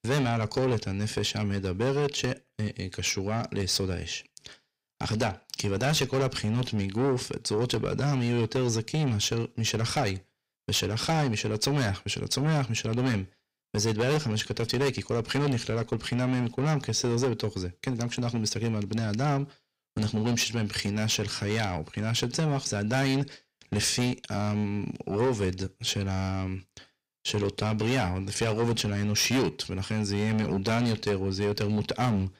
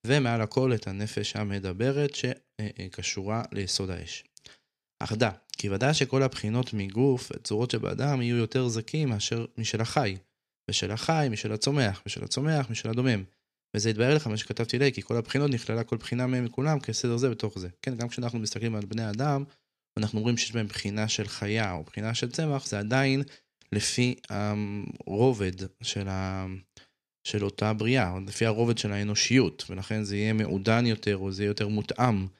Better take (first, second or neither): second